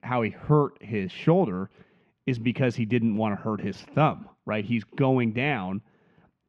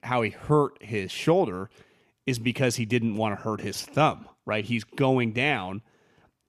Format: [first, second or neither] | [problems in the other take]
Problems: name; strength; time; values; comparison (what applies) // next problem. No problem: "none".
second | muffled; slightly; fading above 2.5 kHz